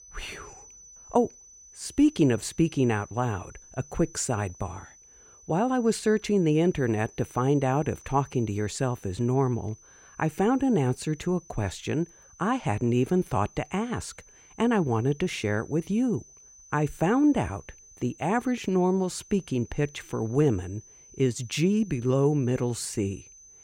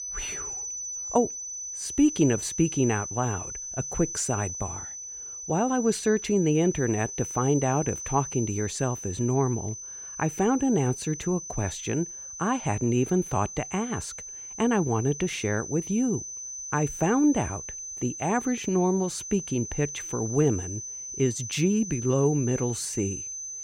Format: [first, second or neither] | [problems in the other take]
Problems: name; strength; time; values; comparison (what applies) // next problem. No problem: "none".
first | high-pitched whine; loud; throughout; 6 kHz, 8 dB below the speech; faint in the first